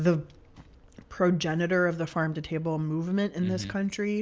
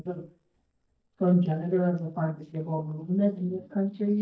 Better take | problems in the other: first | noise reduction (neural mask model DeepFilterNet 3)

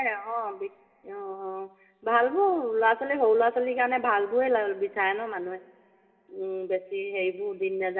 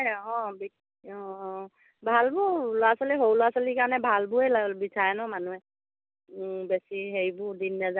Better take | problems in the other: second | room echo; dies away in 2.6 s

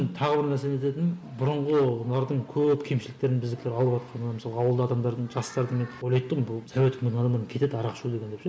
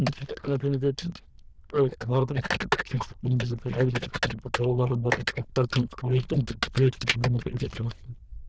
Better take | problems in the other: first | noise reduction (neural diffusion model UNIVERSE++)

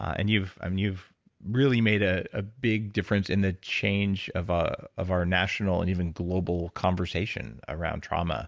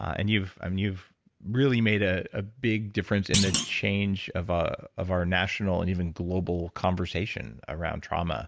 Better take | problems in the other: first | background sound (Thump, thud); 3 dB below the speech

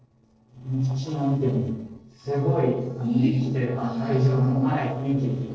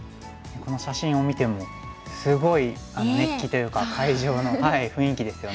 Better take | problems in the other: second | noise reduction (neural separator model SepFormer DNS4)

